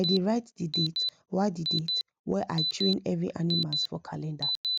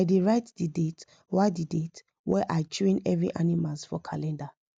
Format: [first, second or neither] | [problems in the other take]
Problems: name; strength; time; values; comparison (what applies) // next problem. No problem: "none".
second | background sound (Alarm); 3 dB below the speech